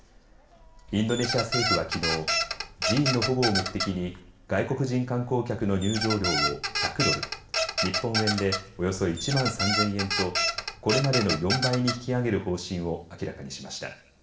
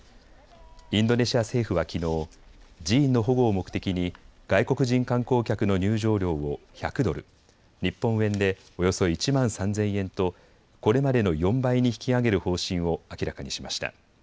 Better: second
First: background sound (Squeak); 1 dB below the speech // room echo; dies away in 0.9 s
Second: none

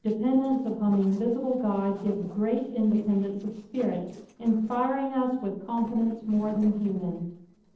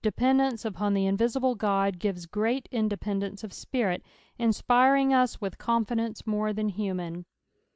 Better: second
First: noise reduction (neural separator model SepFormer DNS4)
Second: none

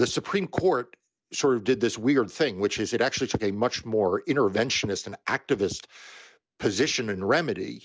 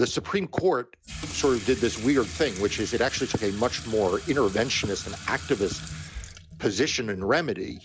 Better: first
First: none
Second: background sound (Sink (filling or washing) / Water tap, faucet); 13 dB below the speech

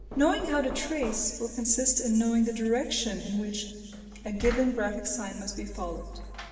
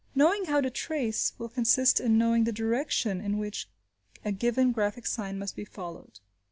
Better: second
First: background sound (Knock); 12 dB below the speech // room echo; dies away in 2.2 s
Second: none

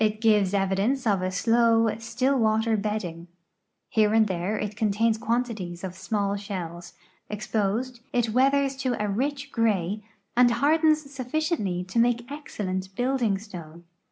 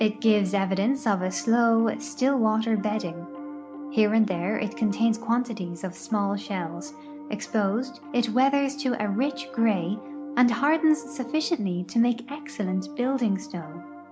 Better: first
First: none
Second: background sound (Piano); 14 dB below the speech

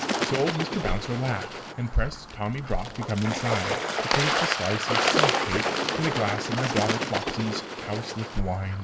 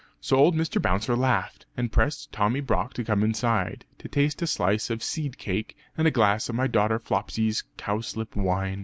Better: second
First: background sound (Water / Bird); 1 dB above the speech // room echo; dies away in 0.4 s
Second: none

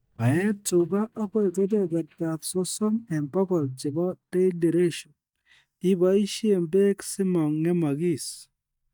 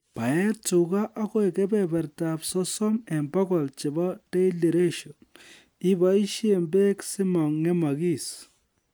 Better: second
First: noise reduction (neural mask model DeepFilterNet 3)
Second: none

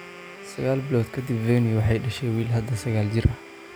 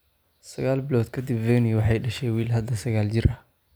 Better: second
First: background sound (Wind instrument, woodwind instrument + Domestic sounds, home sounds); 17 dB below the speech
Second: none

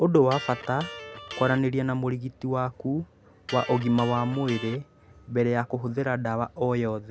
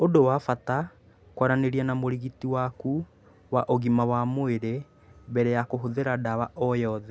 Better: second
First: background sound (Electric guitar); 14 dB below the speech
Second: none

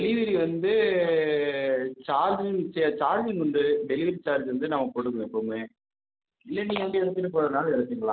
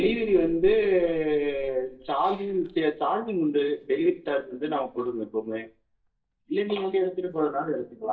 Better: first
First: none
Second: noise reduction (neural mask model DeepFilterNet 3)

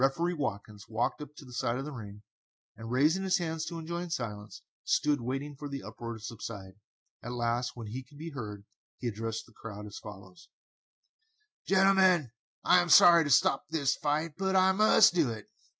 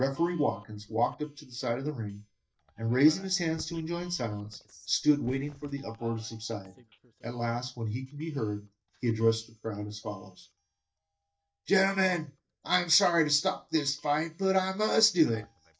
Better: first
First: none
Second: noise reduction (neural mask model DeepFilterNet 3)

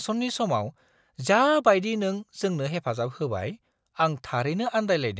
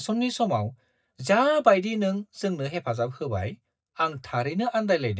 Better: first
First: none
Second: noise reduction (neural mask model DeepFilterNet 3)

